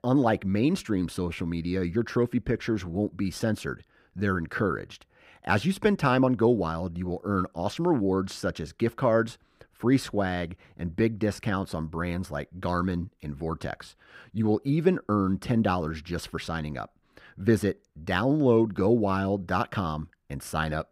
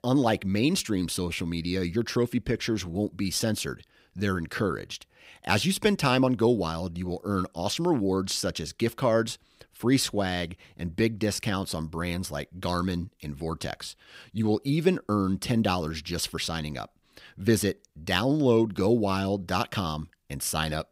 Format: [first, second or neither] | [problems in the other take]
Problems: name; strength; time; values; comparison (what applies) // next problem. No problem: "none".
second | muffled; slightly; fading above 2.5 kHz